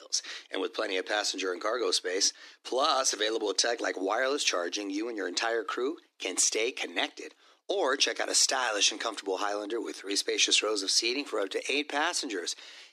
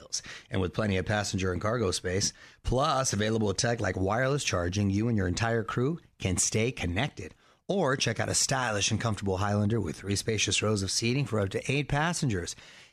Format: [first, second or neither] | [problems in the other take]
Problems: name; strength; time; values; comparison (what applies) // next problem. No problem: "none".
second | thin; somewhat; fading below 300 Hz